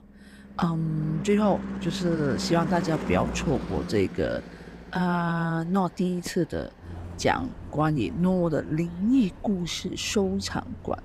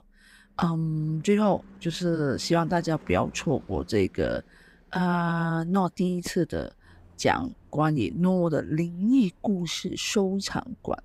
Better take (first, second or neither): second